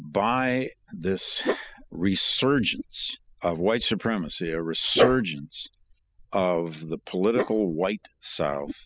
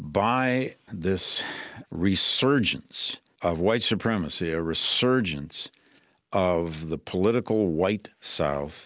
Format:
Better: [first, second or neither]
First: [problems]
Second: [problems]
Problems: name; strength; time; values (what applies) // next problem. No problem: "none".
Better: second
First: noise reduction (classical method spectral subtraction)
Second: none